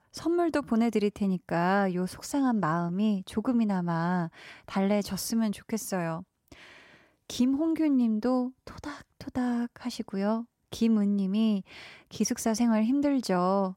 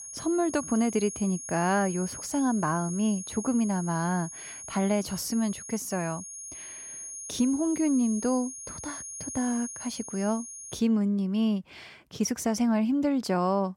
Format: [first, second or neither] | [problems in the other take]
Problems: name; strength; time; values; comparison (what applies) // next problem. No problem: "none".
first | high-pitched whine; loud; until 11 s; 6.5 kHz, 10 dB below the speech